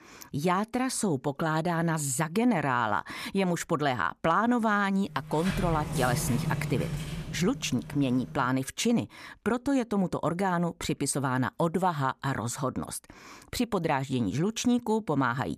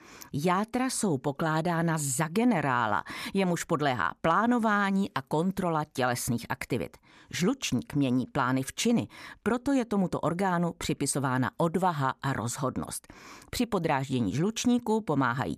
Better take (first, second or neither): second